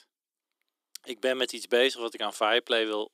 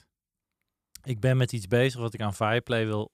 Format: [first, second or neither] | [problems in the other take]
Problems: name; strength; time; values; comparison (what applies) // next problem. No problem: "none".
second | thin; very; fading below 300 Hz